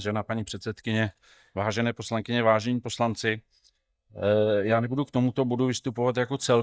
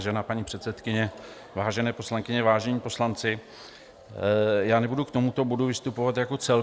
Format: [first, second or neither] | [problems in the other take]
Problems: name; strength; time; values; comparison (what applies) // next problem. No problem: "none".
second | noise reduction (neural mask model DeepFilterNet 3)